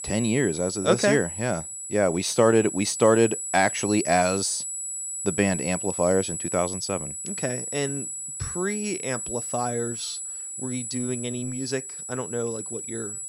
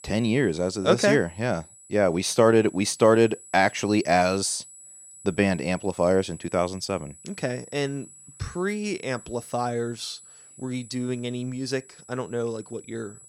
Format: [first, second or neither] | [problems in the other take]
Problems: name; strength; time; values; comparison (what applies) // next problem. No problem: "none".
second | high-pitched whine; loud; throughout; 8 kHz, 5 dB below the speech; faint in the second